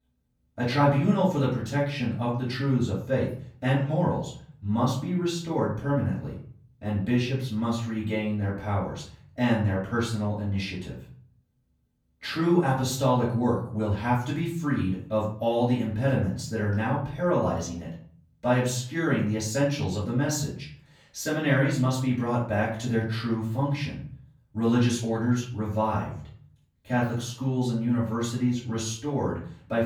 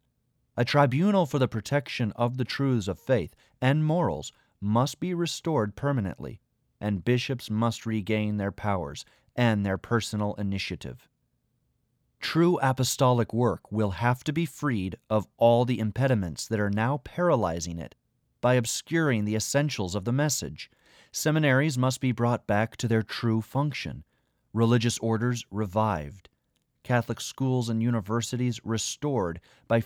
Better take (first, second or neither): second